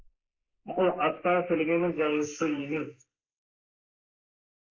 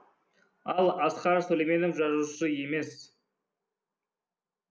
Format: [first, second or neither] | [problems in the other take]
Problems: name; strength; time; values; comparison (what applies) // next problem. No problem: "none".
second | noise reduction (neural mask model Resemble Enhance denoiser)